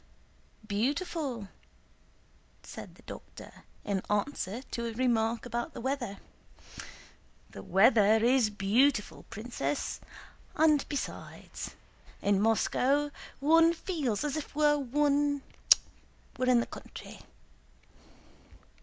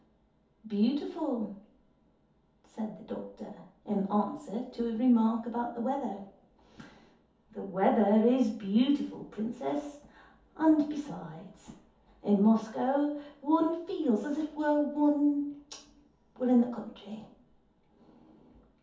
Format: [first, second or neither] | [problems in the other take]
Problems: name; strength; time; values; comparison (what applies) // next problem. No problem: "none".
first | room echo; dies away in 0.5 s